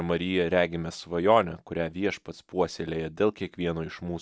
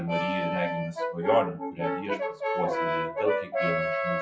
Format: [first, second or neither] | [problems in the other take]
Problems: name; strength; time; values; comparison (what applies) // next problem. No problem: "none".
first | noise reduction (classical method WPE with log-MMSE)